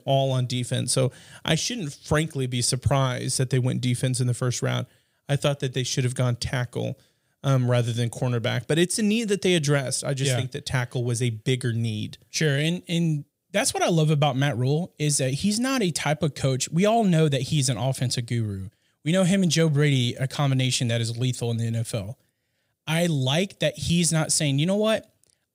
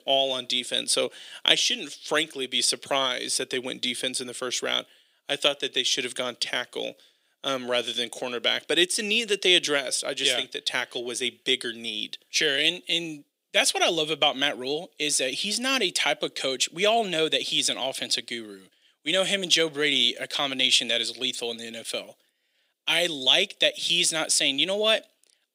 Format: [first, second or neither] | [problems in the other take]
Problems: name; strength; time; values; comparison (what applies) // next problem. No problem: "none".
first | thin; somewhat; fading below 300 Hz